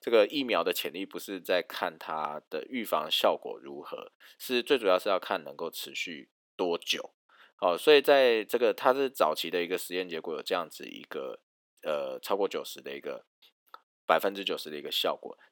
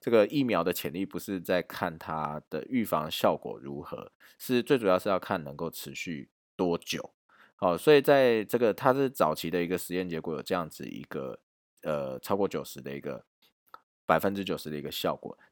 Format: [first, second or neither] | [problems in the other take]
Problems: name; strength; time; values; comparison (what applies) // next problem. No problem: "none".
second | thin; very slightly; fading below 400 Hz